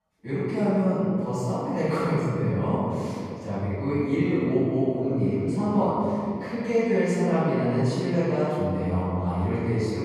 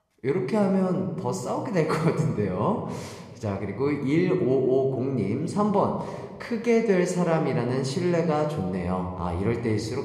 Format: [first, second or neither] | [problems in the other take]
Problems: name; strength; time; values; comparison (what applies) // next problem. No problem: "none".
second | room echo; strong; dies away in 2.4 s; slight in the second // off-mic speech; far